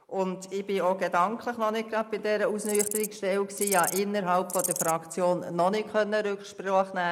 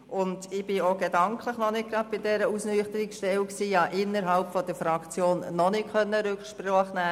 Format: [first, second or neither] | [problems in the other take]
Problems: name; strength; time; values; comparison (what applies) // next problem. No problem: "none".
second | noise reduction (neural mask model Resemble Enhance denoiser)